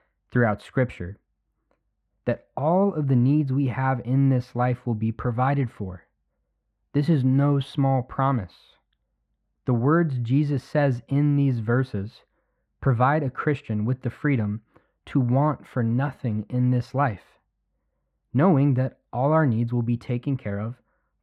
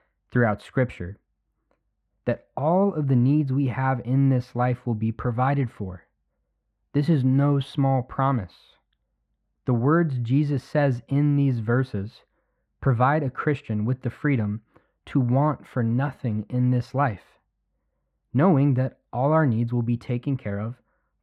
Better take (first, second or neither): neither